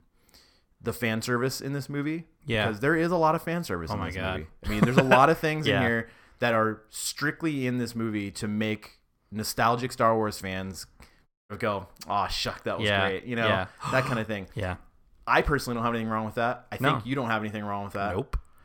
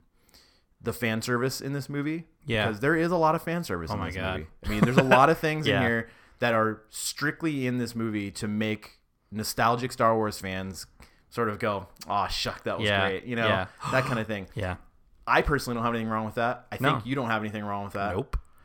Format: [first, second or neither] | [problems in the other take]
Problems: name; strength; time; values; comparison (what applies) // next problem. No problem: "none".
second | audio cutting out; at 11 s